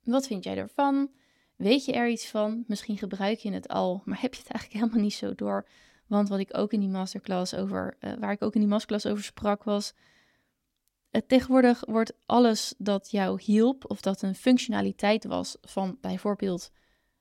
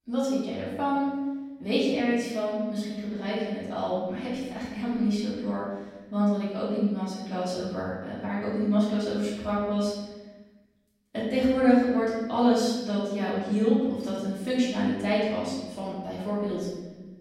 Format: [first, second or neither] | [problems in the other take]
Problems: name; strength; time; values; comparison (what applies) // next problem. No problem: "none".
first | off-mic speech; far // room echo; strong; dies away in 1.3 s